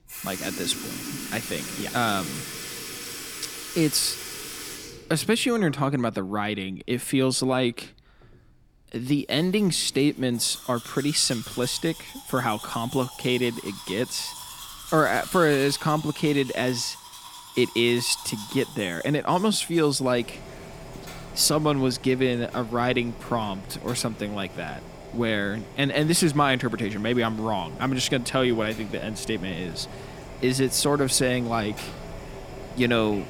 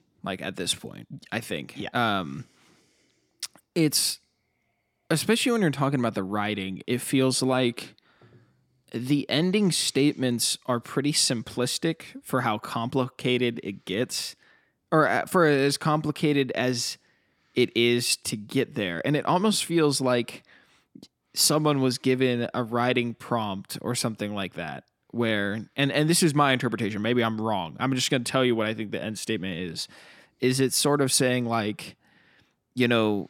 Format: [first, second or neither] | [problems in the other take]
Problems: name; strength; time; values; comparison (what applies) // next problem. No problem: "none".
second | household noises; noticeable; throughout; 15 dB below the speech